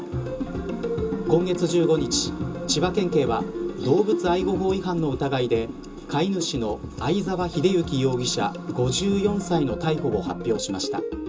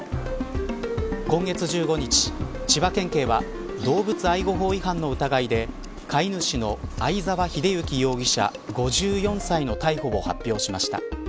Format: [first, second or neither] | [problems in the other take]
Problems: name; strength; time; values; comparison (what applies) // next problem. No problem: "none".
second | background sound (Organ); 12 dB below the speech // room echo; dies away in 0.2 s